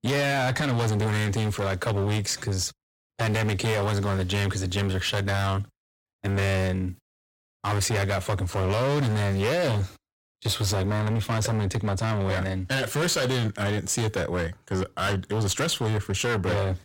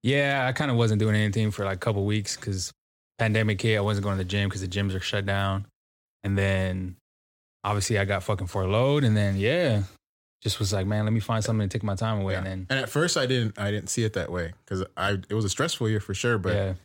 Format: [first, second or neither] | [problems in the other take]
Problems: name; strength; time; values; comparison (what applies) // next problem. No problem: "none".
second | distortion; heavy; 25% of the sound clipped